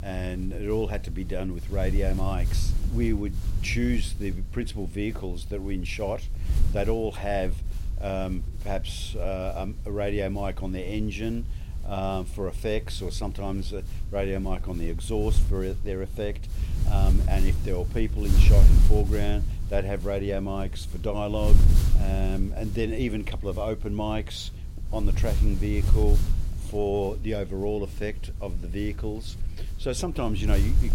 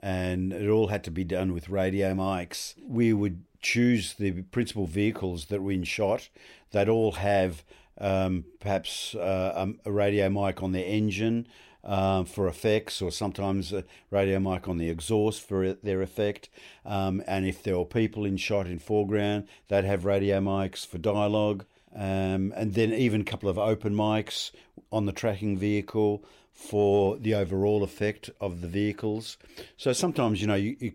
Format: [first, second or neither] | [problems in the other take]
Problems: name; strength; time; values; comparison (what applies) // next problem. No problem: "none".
second | wind noise on the microphone; occasional gusts; 15 dB below the speech